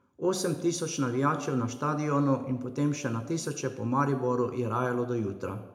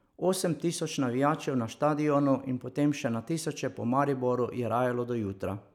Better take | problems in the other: second | room echo; dies away in 0.6 s

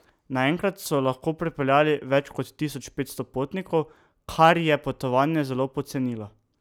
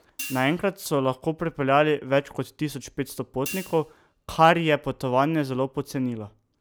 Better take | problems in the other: first | background sound (Hi-hat); 17 dB below the speech

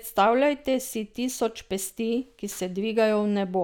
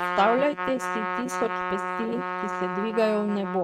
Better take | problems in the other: first | noise reduction (neural mask model RNNoise)

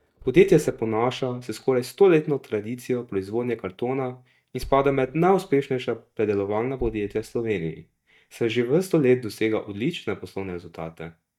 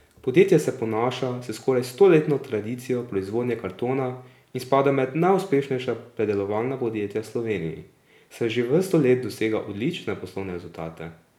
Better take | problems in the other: second | noise reduction (neural mask model DeepFilterNet 3)

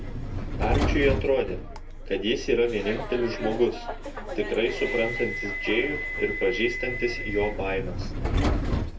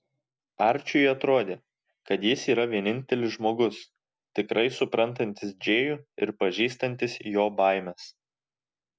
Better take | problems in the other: second | background sound (Subway, metro, underground); 1 dB below the speech // room echo; dies away in 0.2 s

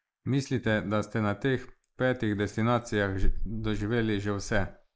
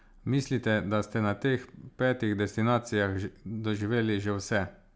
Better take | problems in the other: second | noise reduction (neural mask model Resemble Enhance denoiser)

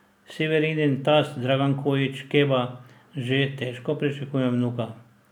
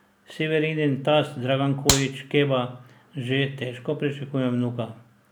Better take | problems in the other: first | background sound (Clapping); 1 dB below the speech

